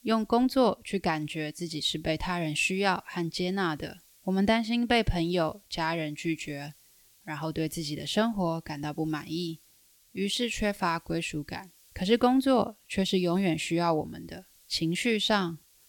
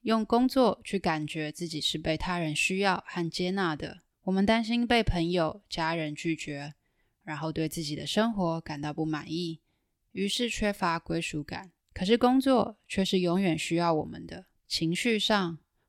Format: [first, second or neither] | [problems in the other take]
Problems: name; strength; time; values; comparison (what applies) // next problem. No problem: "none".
second | hiss; faint; throughout; 30 dB below the speech